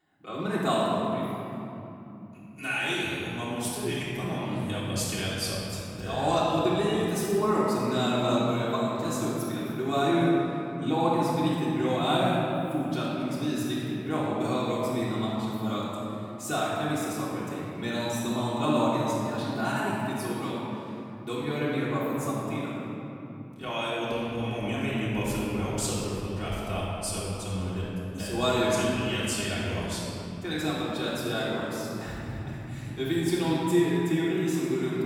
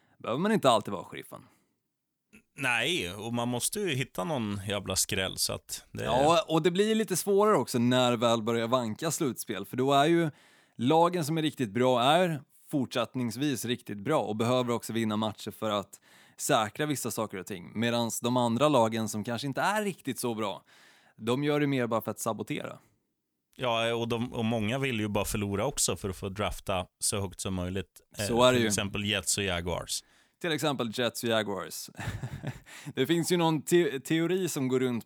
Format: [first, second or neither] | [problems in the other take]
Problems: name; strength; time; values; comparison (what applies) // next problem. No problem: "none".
second | room echo; strong; dies away in 3 s // off-mic speech; far